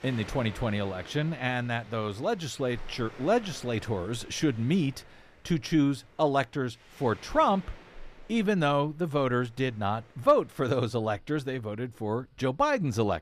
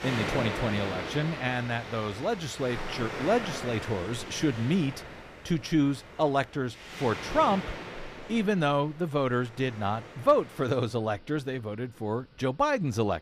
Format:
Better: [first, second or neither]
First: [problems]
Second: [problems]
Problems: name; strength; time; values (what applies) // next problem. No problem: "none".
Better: first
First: rain or running water; faint; throughout; 20 dB below the speech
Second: rain or running water; loud; throughout; 9 dB below the speech